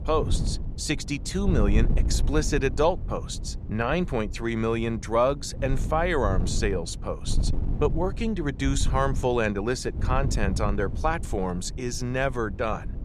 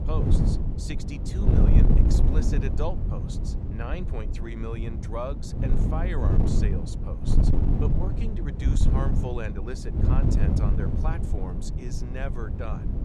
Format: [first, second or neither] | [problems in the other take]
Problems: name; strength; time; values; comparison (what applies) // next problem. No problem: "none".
first | wind noise on the microphone; heavy; 1 dB above the speech; occasional gusts in the first